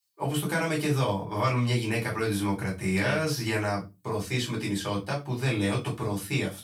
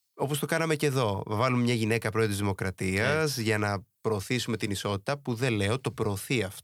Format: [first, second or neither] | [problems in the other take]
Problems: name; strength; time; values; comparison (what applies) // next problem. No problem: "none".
second | off-mic speech; far // room echo; very slight; dies away in 0.2 s